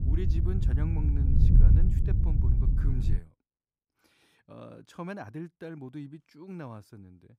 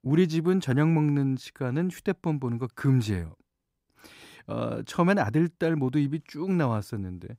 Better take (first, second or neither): second